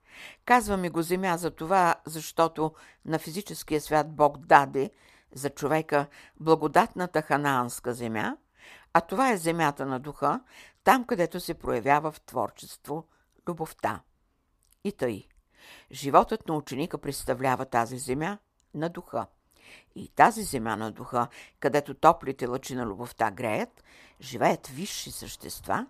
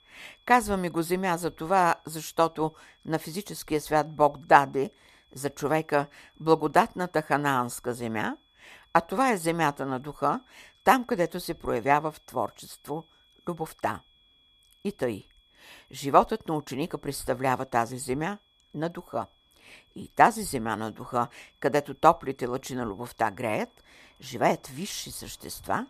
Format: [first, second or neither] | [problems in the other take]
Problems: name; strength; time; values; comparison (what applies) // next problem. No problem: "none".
first | high-pitched whine; faint; throughout; 3.5 kHz, 35 dB below the speech